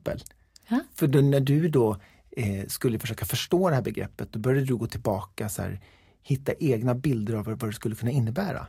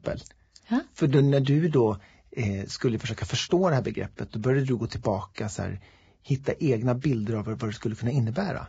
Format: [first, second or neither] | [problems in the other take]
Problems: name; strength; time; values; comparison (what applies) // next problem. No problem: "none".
first | garbled, watery; badly; nothing above 7.5 kHz; slightly in the first